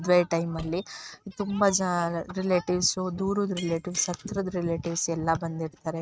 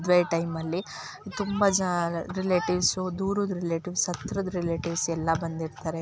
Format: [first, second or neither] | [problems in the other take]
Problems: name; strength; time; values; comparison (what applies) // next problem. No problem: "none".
second | noise reduction (neural mask model RNNoise)